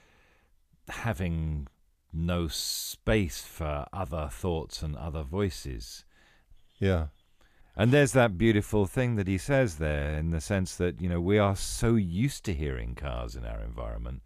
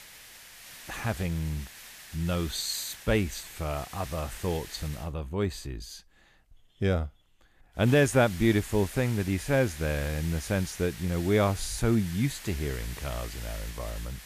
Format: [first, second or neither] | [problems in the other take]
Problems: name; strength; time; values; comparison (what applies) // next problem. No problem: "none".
first | hiss; noticeable; until 5 s and from 8 s on; 15 dB below the speech